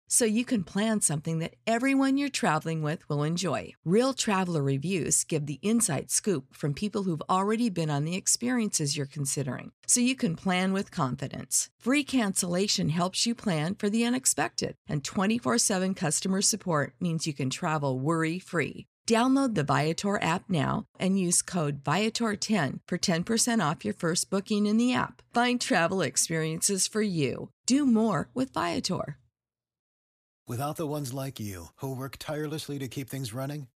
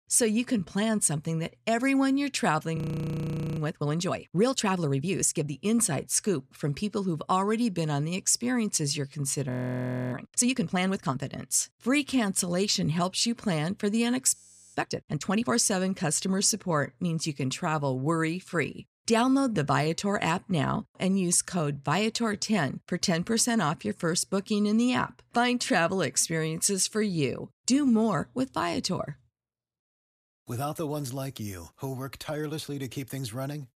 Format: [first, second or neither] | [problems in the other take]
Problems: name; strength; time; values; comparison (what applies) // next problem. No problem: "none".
first | audio freezing; at 3 s for 1 s, at 9.5 s for 0.5 s and at 14 s